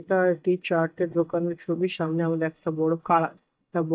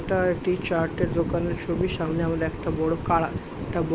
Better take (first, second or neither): second